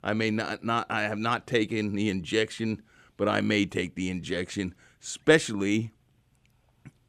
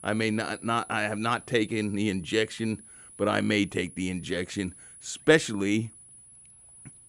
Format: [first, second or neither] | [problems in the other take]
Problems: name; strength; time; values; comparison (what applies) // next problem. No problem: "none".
first | high-pitched whine; noticeable; throughout; 10 kHz, 20 dB below the speech